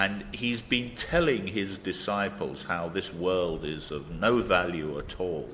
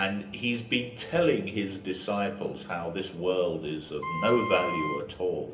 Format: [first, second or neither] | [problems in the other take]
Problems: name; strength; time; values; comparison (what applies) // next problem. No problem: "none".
first | background sound (Wind instrument, woodwind instrument); 5 dB below the speech // room echo; dies away in 0.3 s